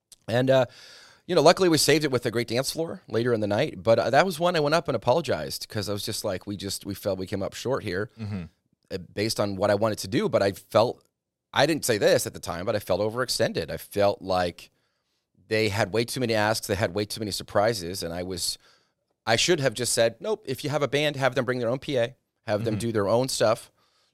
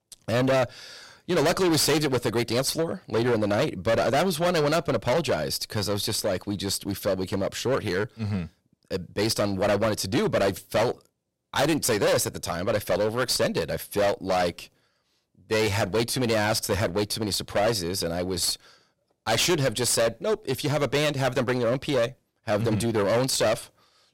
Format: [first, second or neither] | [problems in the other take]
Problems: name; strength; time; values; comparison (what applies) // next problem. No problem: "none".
first | distortion; heavy; 14% of the sound clipped